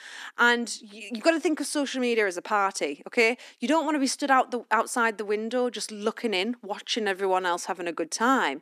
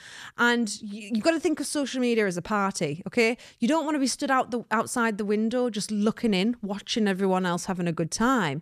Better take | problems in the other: second | thin; very slightly; fading below 250 Hz

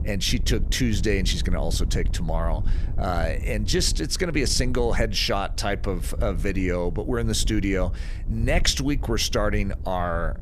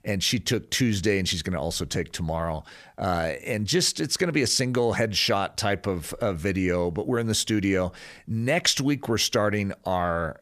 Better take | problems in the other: second | wind noise on the microphone; occasional gusts; 20 dB below the speech

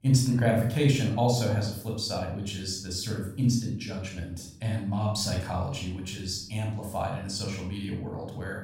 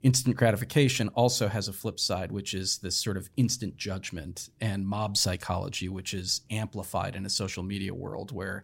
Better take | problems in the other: second | off-mic speech; somewhat distant // room echo; noticeable; dies away in 0.6 s

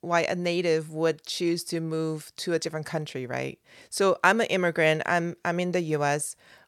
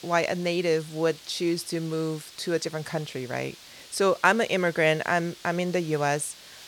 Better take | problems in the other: first | hiss; noticeable; throughout; 20 dB below the speech

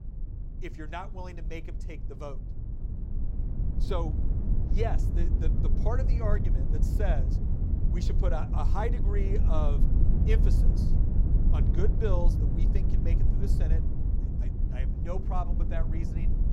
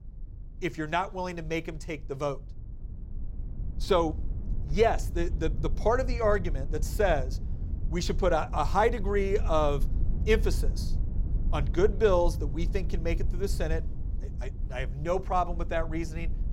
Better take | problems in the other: second | low rumble; loud; throughout; 4 dB below the speech; faint in the second

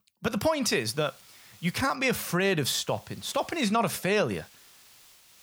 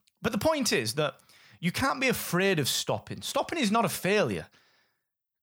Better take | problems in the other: second | hiss; faint; from 1 to 2 s, at 3 s and from 4.5 s on; 25 dB below the speech

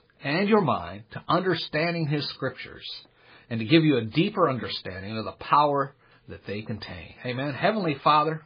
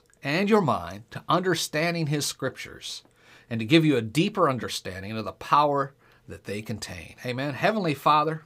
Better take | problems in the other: second | garbled, watery; badly; nothing above 4.5 kHz

